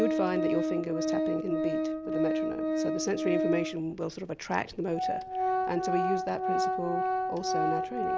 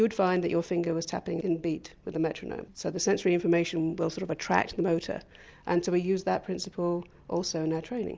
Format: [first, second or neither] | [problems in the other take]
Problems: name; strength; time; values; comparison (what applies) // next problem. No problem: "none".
second | background sound (Organ); 3 dB above the speech